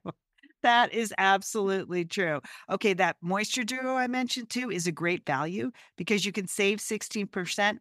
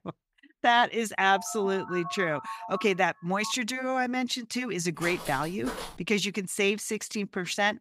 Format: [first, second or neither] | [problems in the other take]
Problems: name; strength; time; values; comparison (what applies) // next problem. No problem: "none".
first | phone ringing; noticeable; from 1.5 to 3.5 s; peak 9 dB below the speech // footsteps; noticeable; from 5 to 6 s; peak 9 dB below the speech